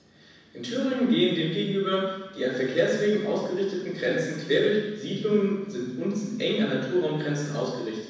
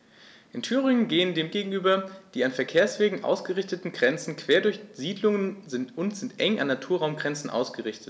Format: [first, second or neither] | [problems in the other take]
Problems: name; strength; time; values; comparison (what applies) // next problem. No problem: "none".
second | room echo; dies away in 1.1 s